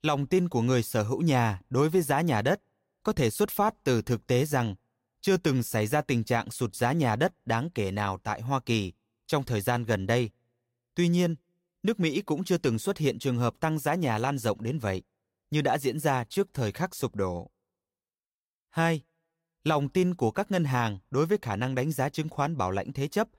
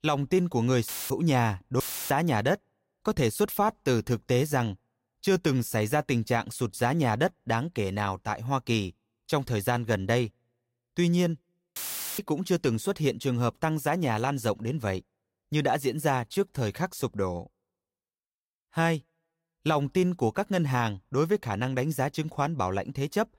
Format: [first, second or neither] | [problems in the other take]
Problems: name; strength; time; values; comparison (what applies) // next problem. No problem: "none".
first | audio cutting out; filled with static; at 1 s, at 2 s and at 12 s